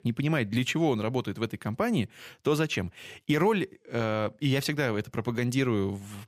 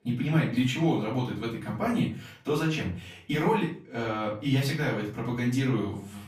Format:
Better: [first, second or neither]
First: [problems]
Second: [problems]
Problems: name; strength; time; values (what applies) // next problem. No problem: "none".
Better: first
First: none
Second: off-mic speech; far // room echo; slight; dies away in 0.4 s